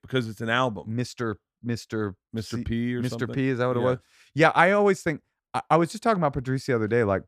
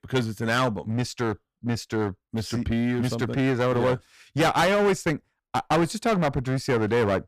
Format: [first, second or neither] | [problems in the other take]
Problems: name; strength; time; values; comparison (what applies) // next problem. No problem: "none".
first | distortion; heavy; 13% of the sound clipped